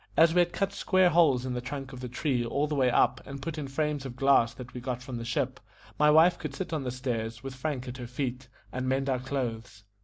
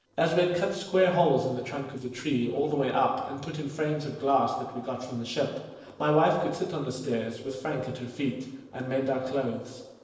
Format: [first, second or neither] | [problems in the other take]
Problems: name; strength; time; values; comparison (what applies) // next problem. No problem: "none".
first | noise reduction (neural separator model SepFormer DNS4)